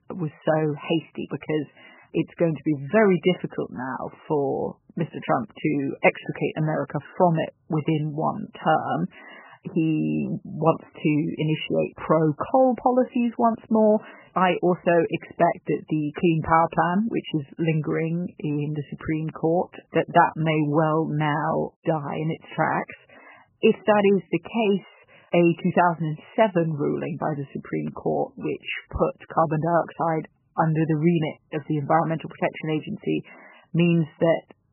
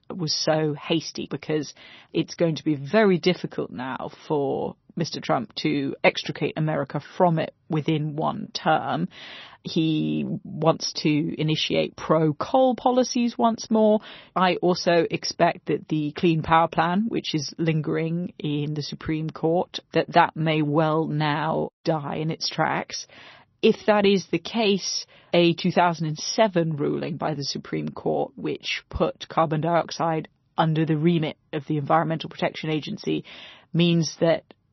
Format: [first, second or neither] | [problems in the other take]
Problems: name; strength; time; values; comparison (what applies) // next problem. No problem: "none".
second | garbled, watery; badly; nothing above 3 kHz; slightly in the second